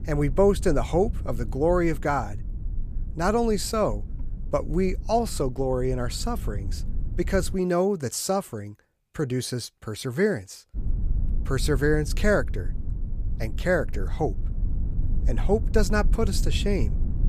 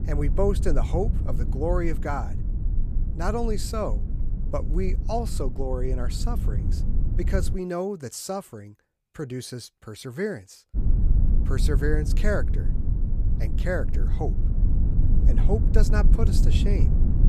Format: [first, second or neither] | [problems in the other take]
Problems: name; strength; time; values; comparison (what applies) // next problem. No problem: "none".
first | low rumble; loud; until 7.5 s and from 11 s on; 10 dB below the speech; faint in the first